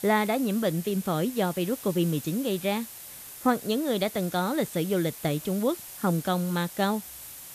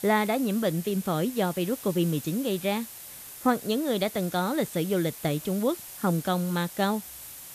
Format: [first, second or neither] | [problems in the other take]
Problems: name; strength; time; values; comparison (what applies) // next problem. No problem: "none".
neither | hiss; noticeable; throughout; 10 dB below the speech; the same in both